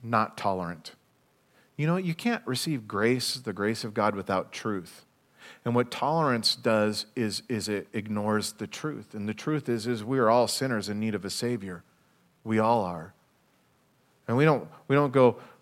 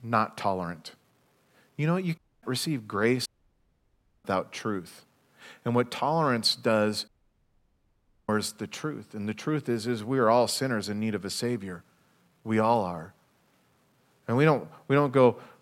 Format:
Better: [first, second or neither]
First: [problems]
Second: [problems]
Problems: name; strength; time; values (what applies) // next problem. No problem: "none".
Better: first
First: none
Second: audio cutting out; at 2 s, at 3.5 s for 1 s and at 7 s for 1 s